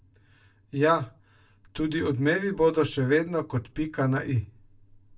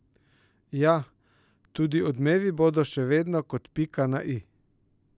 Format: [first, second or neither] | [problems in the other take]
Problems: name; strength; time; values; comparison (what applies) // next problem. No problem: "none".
second | room echo; dies away in 0.2 s